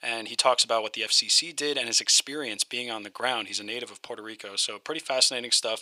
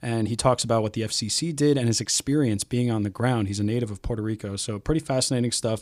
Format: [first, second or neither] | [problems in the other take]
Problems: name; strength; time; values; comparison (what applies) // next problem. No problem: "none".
second | thin; very; fading below 700 Hz